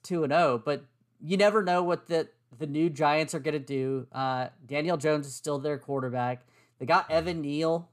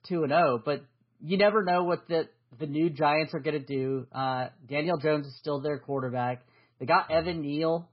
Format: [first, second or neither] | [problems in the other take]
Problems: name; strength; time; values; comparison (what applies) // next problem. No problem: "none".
first | garbled, watery; badly